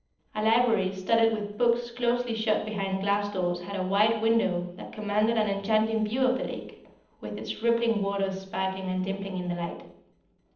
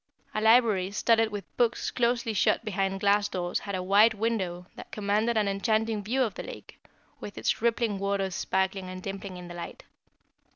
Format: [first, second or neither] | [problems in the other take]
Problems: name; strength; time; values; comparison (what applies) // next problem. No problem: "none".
second | noise reduction (neural separator model SepFormer DNS4)